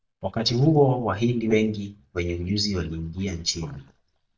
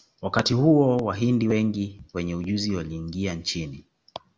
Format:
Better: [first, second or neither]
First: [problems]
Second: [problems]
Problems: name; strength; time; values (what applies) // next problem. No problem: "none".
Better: second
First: noise reduction (neural mask model DeepFilterNet 3)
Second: none